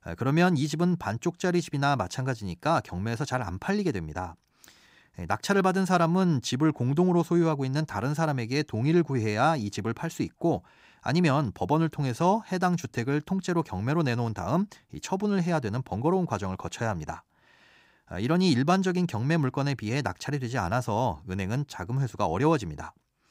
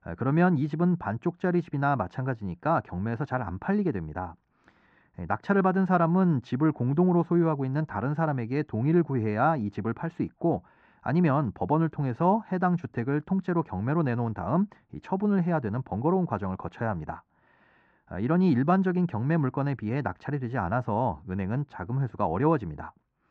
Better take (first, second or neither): first